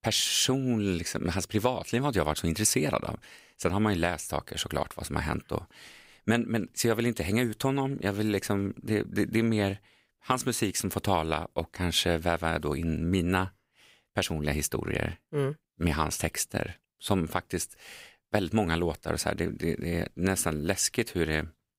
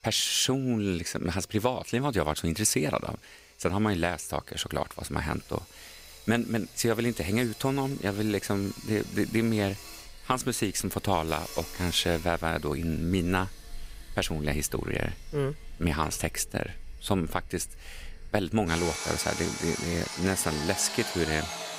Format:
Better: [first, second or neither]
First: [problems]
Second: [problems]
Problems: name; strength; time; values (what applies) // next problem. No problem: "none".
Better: first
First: none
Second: machinery noise; noticeable; throughout; 10 dB below the speech